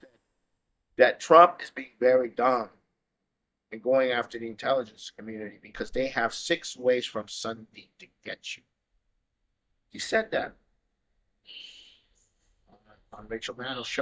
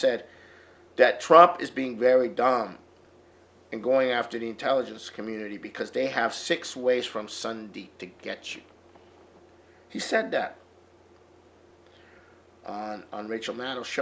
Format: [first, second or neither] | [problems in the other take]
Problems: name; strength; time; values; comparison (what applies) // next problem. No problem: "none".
second | noise reduction (neural mask model DeepFilterNet 3)